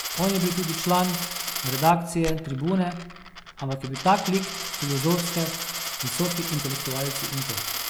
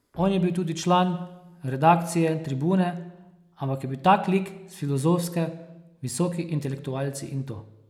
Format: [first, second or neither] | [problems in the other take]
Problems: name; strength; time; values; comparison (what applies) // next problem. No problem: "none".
second | background sound (Coin (dropping)); 5 dB below the speech